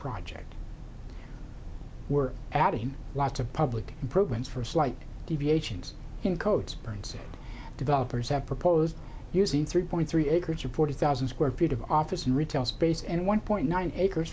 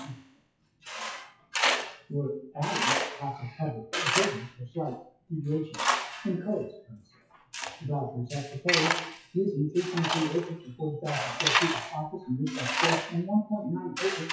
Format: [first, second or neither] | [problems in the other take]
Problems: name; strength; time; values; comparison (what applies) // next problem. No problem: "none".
first | noise reduction (classical method WPE with log-MMSE)